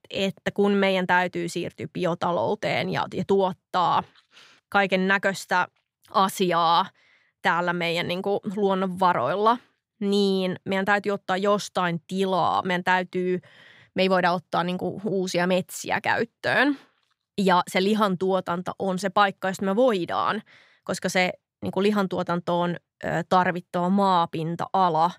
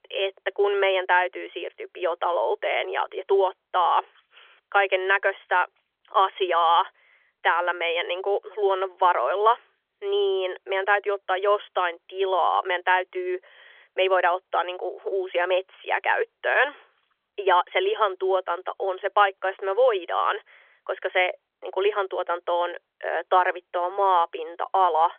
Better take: first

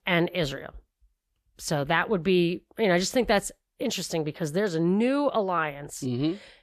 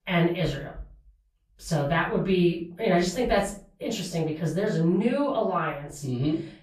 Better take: first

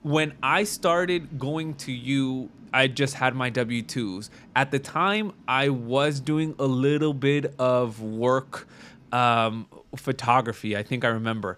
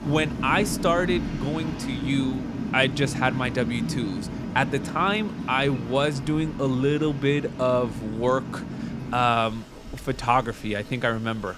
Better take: first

